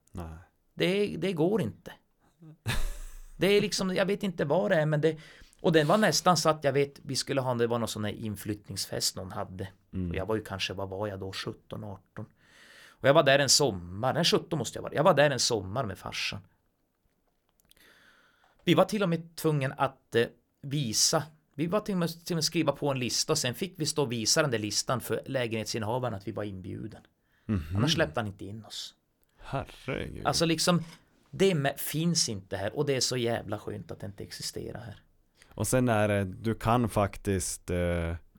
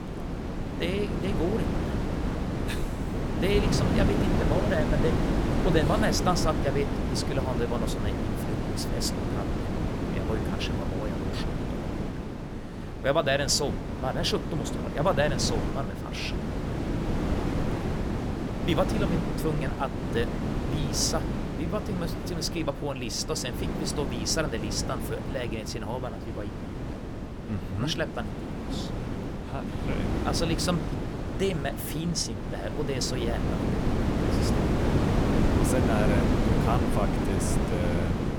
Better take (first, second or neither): first